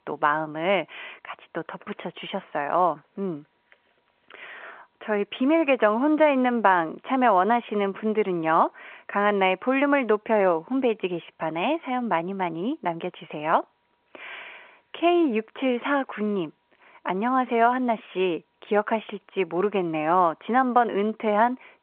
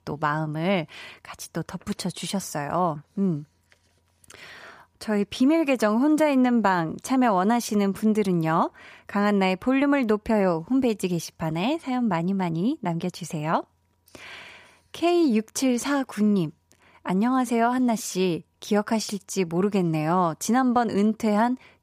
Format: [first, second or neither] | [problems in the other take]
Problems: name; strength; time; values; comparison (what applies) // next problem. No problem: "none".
second | phone-call audio